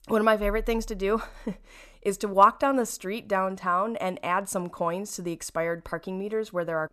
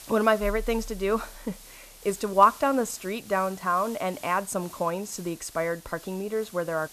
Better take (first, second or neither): first